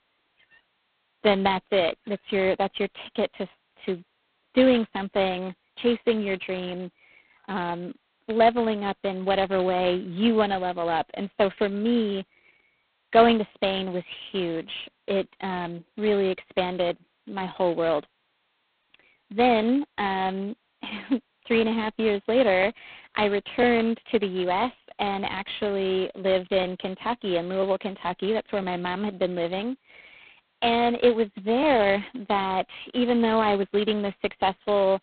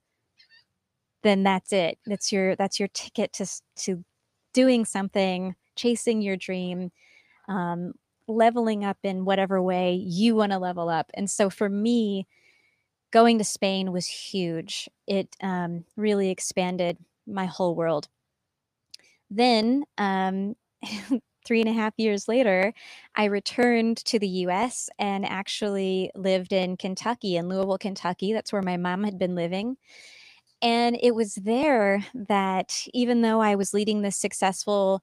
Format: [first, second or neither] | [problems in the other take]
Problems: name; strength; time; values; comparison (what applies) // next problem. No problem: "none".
second | phone-call audio; poor line; nothing above 4 kHz